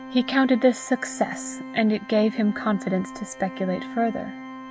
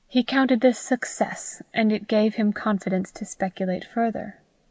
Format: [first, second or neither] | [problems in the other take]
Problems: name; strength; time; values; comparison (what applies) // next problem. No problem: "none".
second | background sound (Organ); 13 dB below the speech